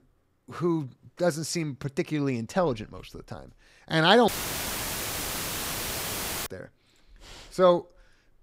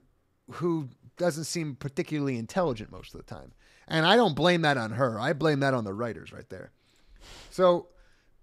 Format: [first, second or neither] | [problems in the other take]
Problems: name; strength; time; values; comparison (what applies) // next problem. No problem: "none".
second | audio cutting out; filled with static; at 4.5 s for 2 s